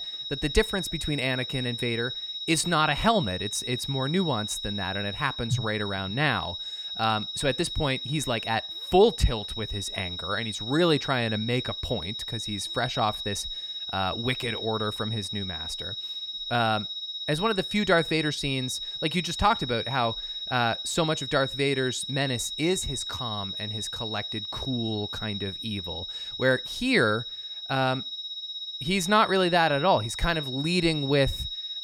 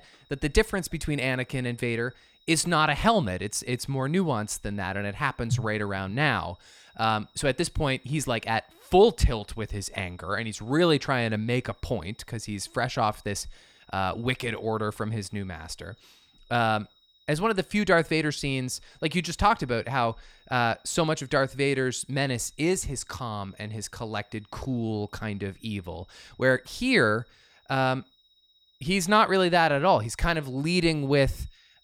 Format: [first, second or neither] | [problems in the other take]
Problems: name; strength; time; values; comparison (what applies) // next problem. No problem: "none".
second | high-pitched whine; loud; throughout; 4 kHz, 5 dB below the speech; faint in the second